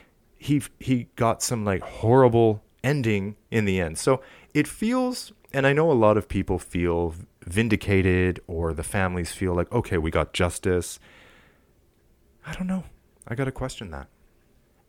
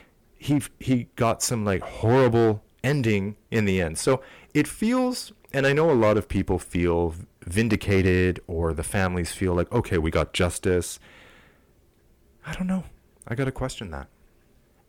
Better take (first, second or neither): first